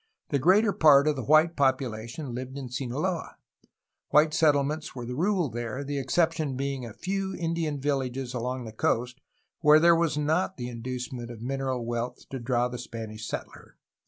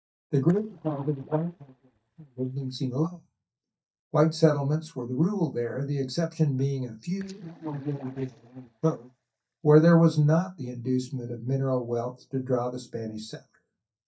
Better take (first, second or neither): first